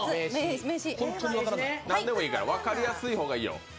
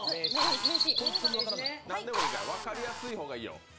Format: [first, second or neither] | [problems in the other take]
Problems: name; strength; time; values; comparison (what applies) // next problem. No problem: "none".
first | background sound (Bird vocalization, bird call, bird song + Drill); 5 dB above the speech